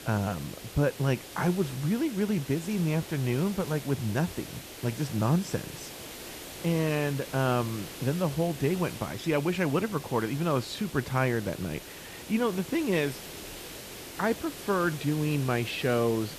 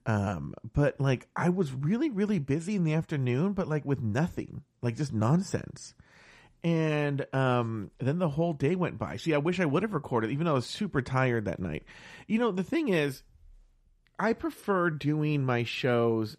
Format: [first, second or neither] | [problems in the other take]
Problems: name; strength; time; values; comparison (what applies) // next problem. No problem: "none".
second | hiss; noticeable; throughout; 10 dB below the speech